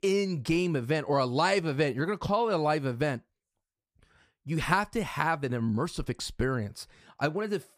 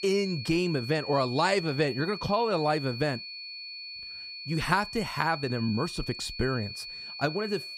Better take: first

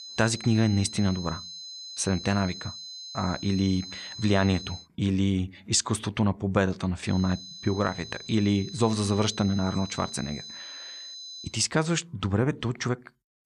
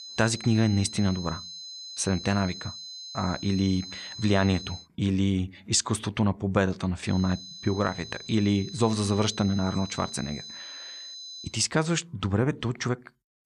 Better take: neither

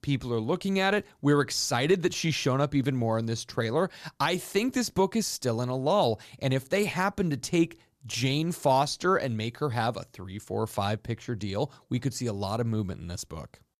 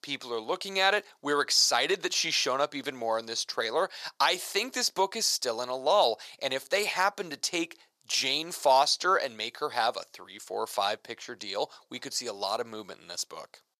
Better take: first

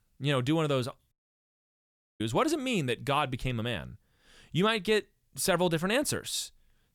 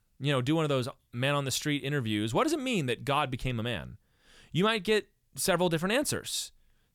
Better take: second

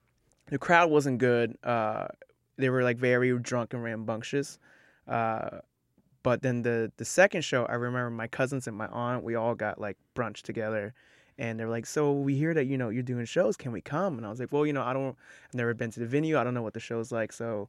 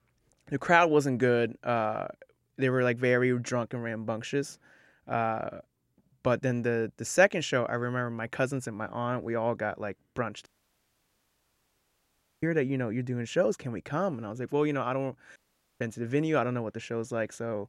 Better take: first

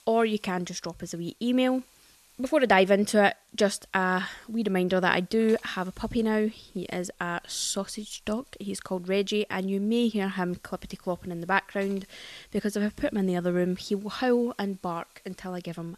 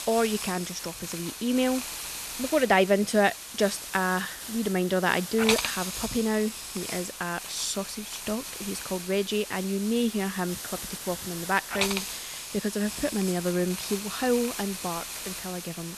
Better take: first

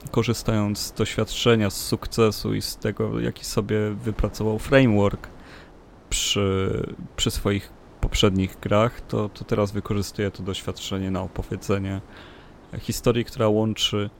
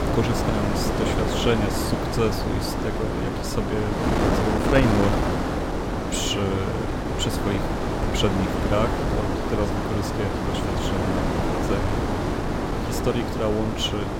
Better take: first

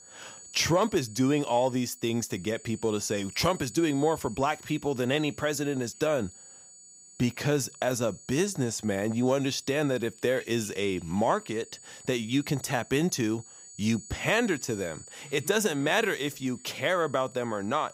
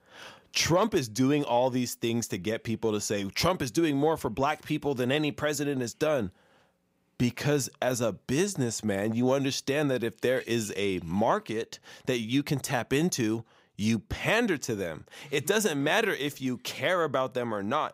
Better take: second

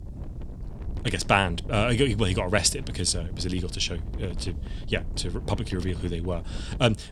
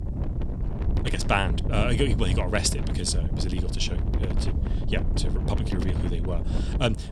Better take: first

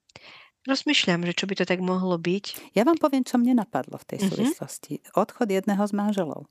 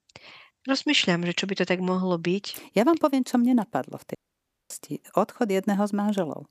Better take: first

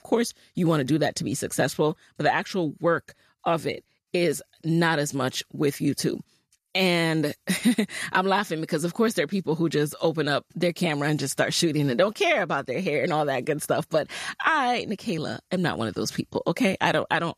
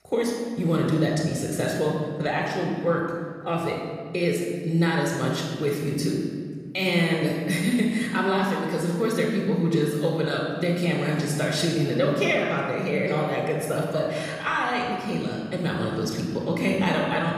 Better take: first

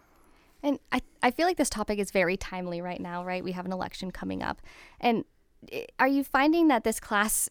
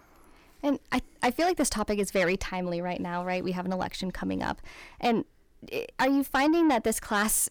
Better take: first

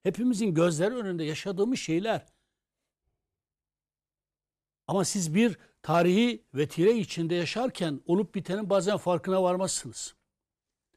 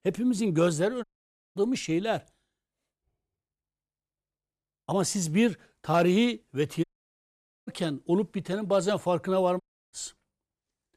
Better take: first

